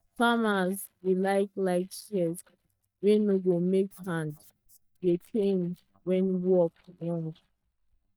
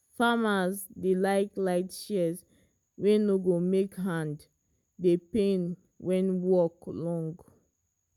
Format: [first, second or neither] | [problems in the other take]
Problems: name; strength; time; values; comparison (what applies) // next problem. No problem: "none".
second | noise reduction (neural mask model DeepFilterNet 3)